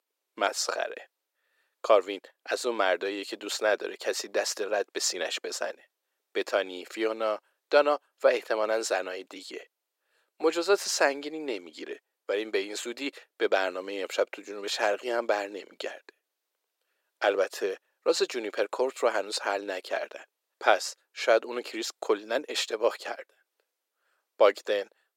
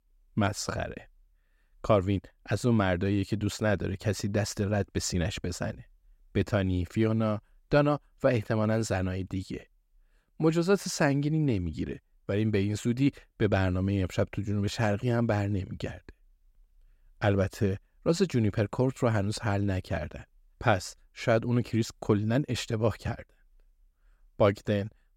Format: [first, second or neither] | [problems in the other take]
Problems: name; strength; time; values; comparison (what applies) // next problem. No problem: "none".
second | thin; very; fading below 400 Hz